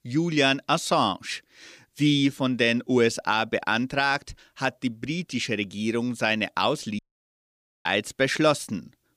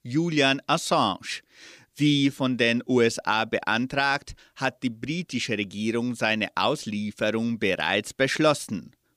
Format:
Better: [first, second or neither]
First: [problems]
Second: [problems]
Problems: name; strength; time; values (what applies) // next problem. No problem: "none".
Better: second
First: audio cutting out; at 7 s for 1 s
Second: none